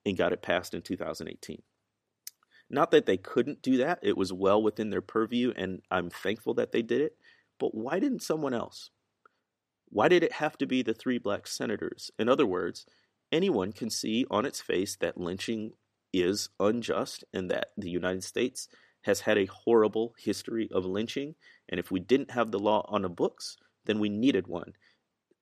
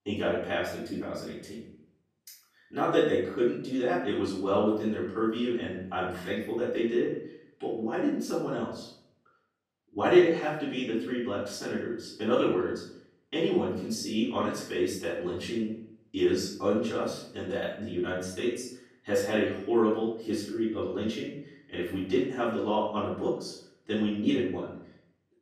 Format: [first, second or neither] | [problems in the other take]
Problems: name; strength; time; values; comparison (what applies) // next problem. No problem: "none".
first | room echo; noticeable; dies away in 0.6 s // off-mic speech; far